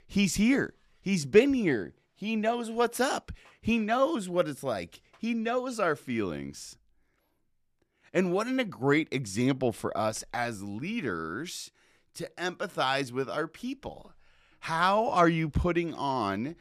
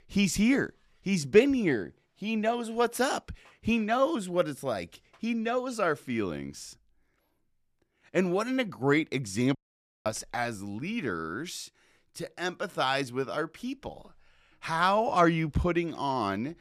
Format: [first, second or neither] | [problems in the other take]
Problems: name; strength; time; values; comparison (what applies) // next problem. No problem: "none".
first | audio cutting out; at 9.5 s for 0.5 s